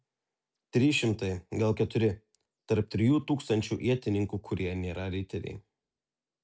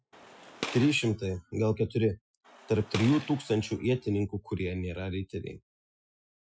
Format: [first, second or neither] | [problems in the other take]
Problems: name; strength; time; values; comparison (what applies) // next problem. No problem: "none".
first | noise reduction (classical method Wiener filter)